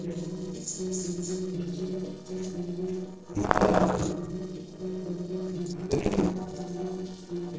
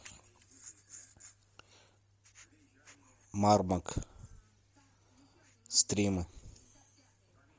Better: second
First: noise reduction (neural separator model SepFormer DNS4)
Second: none

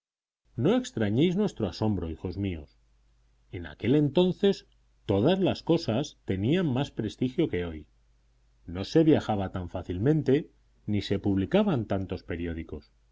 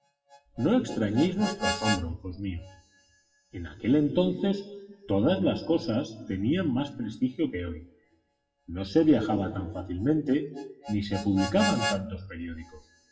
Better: first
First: none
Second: noise reduction (classical method WPE with log-MMSE)

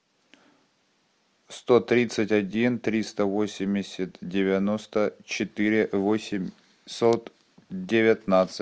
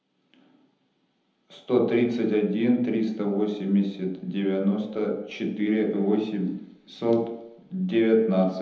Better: first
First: none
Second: room echo; dies away in 0.8 s

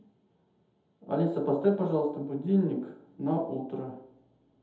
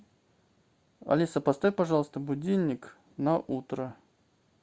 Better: second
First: room echo; dies away in 0.7 s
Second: none

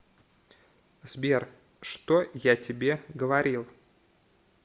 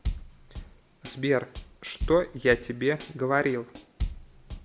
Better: first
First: none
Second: background sound (Drum kit); 8 dB below the speech

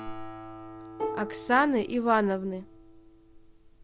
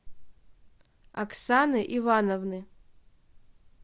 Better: second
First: background sound (Plucked string instrument + Acoustic guitar); 11 dB below the speech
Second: none

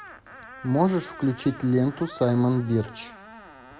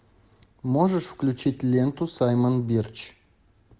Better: second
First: background sound (Screech); 18 dB below the speech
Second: none

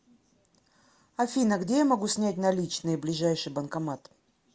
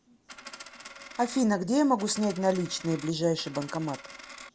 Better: first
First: none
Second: background sound (Coin (dropping)); 16 dB below the speech

